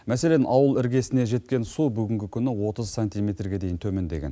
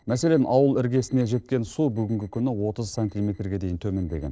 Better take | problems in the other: first | noise reduction (neural separator model SepFormer DNS4)

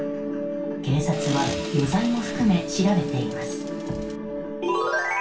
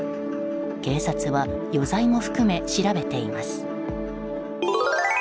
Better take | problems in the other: second | background sound (Accelerating, revving, vroom); 13 dB below the speech // room echo; dies away in 0.2 s

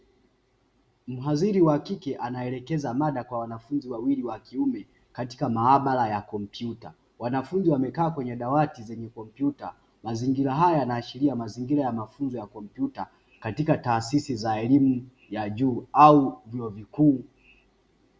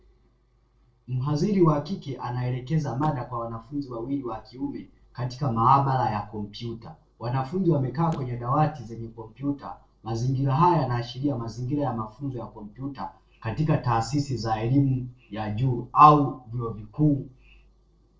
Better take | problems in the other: first | noise reduction (neural separator model SepFormer DNS4)

